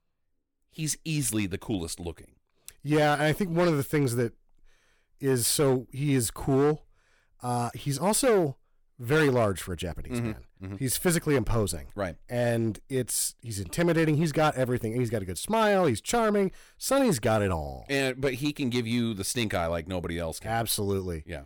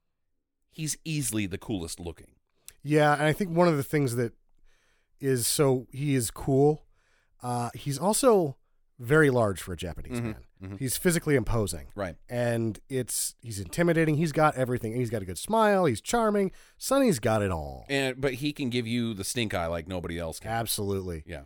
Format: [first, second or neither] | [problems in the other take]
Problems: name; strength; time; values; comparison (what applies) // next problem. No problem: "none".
second | distortion; slight; 5% of the sound clipped